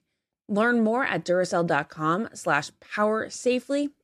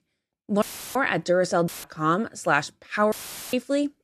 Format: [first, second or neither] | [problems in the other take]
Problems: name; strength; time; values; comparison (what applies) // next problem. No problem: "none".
first | audio cutting out; filled with static; at 0.5 s, at 1.5 s and at 3 s